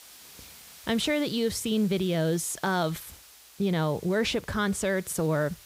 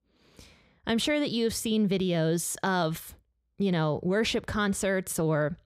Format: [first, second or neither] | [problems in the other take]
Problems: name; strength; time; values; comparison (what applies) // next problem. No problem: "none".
second | hiss; faint; throughout; 20 dB below the speech